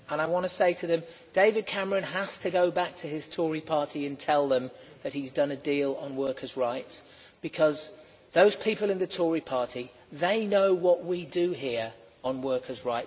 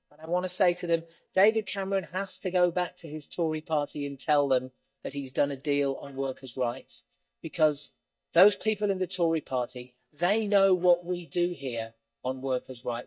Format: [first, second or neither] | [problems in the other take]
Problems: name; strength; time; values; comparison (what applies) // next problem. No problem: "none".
first | noise reduction (neural mask model DeepFilterNet 3)